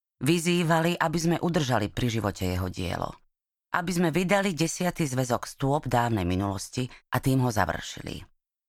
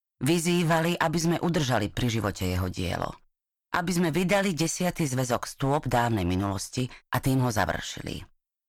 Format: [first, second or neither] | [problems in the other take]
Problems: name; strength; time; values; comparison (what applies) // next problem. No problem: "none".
first | distortion; slight; 5% of the sound clipped